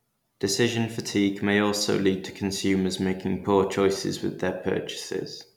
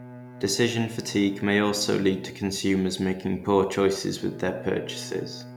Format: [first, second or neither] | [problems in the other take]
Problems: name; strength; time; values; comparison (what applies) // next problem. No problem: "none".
first | background sound (Bowed string instrument); 18 dB below the speech